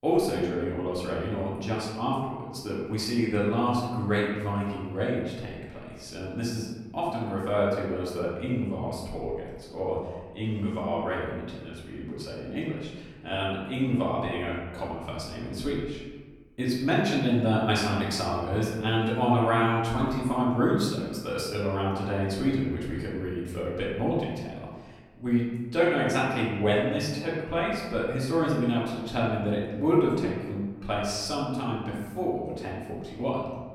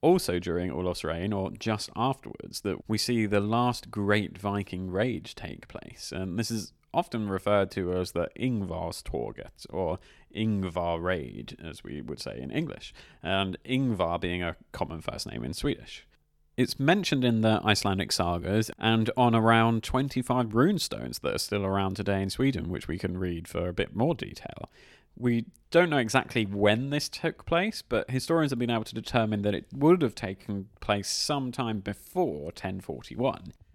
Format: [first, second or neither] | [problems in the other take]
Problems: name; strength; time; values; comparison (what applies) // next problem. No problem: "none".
second | room echo; noticeable; dies away in 1.2 s // off-mic speech; far